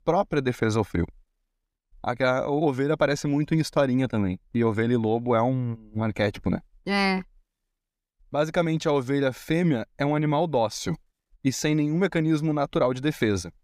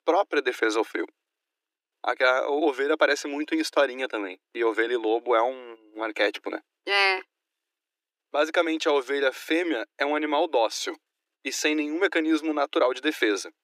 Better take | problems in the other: first | thin; very; fading below 300 Hz

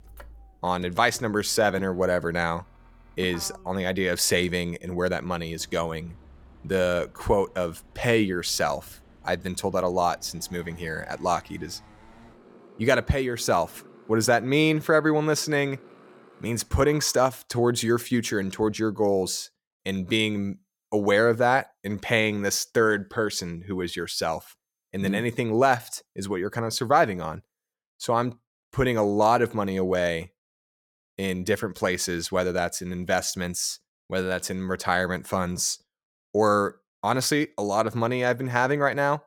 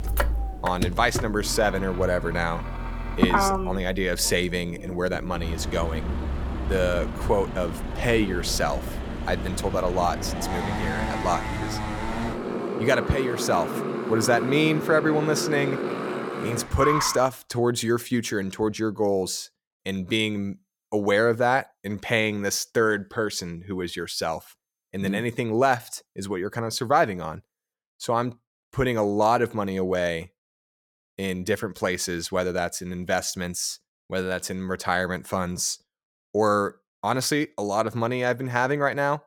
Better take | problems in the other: first | traffic noise; loud; until 17 s; 4 dB below the speech; faint in the first

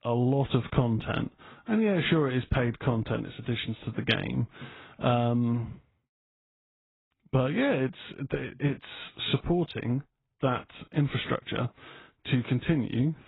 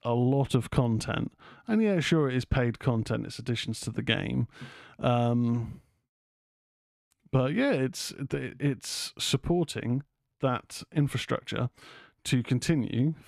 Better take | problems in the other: second | garbled, watery; badly

